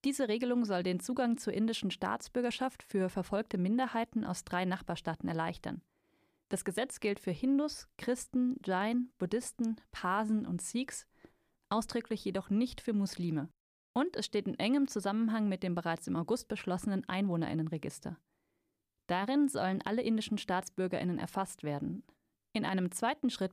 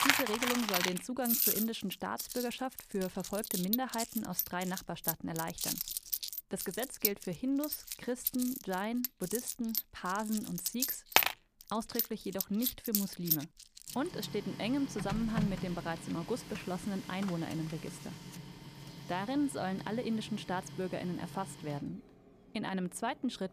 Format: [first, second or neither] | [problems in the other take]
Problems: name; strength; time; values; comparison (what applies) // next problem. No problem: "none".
first | household noises; very loud; throughout; 2 dB above the speech